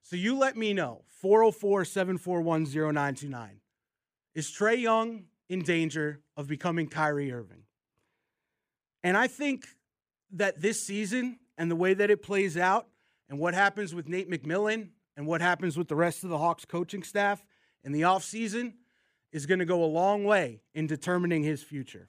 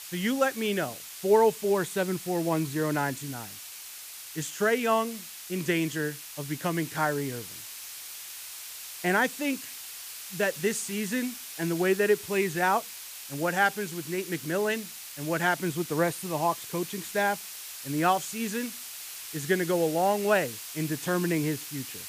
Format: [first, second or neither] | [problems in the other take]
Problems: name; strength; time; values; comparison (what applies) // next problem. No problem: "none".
first | hiss; noticeable; throughout; 10 dB below the speech